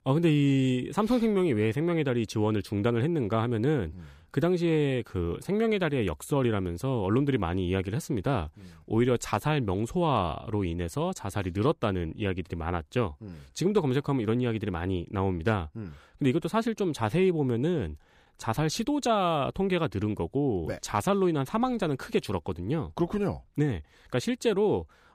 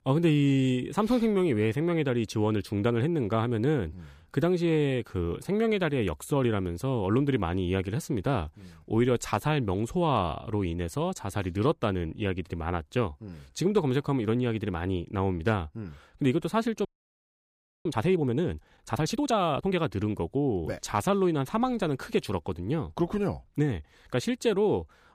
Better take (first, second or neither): first